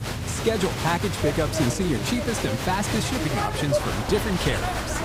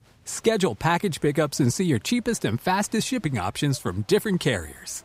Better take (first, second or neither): second